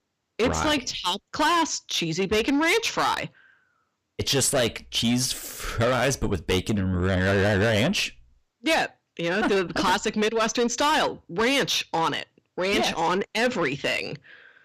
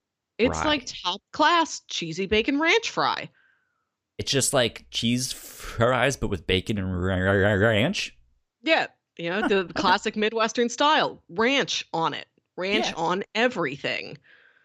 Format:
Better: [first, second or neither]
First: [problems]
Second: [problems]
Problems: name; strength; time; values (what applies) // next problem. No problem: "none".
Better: second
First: distortion; heavy; 8 dB below the speech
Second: none